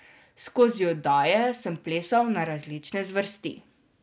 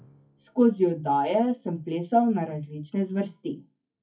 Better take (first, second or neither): first